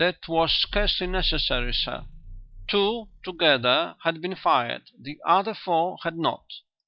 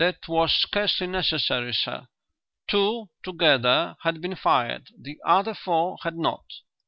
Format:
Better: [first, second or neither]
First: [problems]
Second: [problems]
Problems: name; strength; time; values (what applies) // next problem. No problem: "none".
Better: second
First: noise reduction (classical method log-MMSE)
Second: none